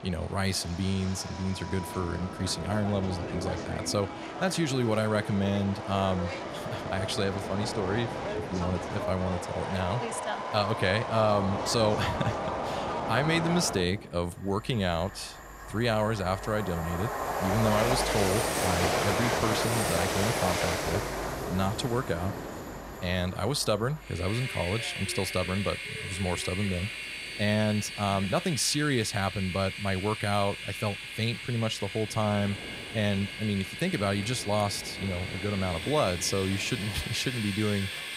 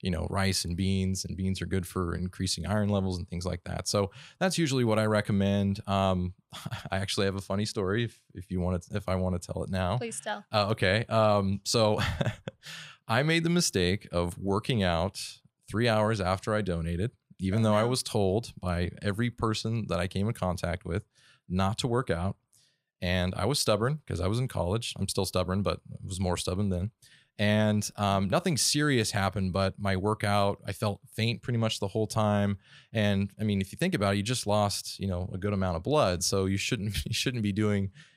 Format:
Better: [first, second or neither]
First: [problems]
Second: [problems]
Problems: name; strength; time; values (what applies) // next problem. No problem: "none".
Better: second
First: train or aircraft noise; loud; throughout; 4 dB below the speech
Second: none